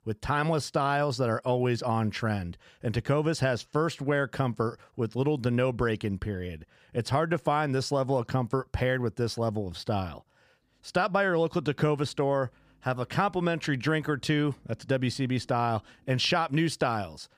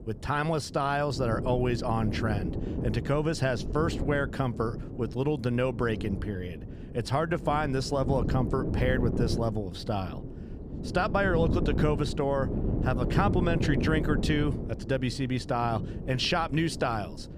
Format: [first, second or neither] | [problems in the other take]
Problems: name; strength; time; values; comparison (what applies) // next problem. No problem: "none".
first | wind noise on the microphone; heavy; 10 dB below the speech